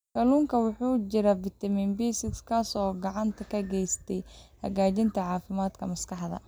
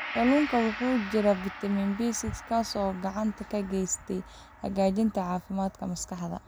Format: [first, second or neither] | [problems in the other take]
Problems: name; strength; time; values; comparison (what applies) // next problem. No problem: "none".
first | background sound (Gong); 13 dB below the speech